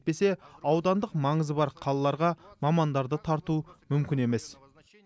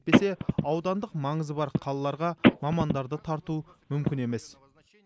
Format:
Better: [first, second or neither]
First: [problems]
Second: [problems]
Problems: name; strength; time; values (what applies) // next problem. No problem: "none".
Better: first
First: none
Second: background sound (Telephone); 2 dB above the speech